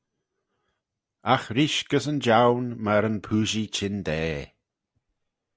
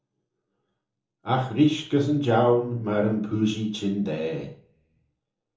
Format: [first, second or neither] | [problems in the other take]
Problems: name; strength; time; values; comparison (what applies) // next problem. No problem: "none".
first | room echo; dies away in 1 s